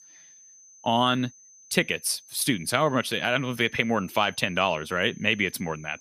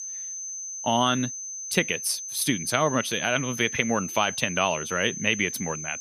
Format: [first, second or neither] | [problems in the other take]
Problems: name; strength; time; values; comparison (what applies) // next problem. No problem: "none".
first | high-pitched whine; loud; throughout; 6 kHz, 7 dB below the speech; faint in the first